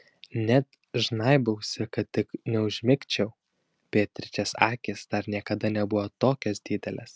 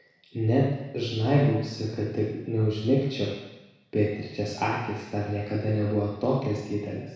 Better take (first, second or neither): first